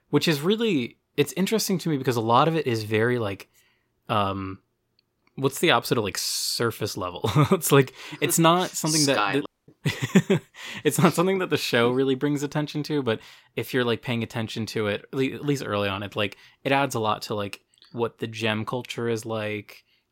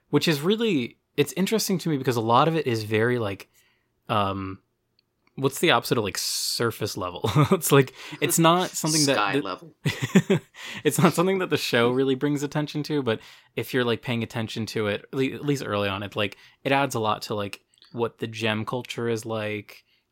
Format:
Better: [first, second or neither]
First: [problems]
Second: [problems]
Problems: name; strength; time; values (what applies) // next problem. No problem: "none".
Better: second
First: audio cutting out; at 9.5 s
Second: none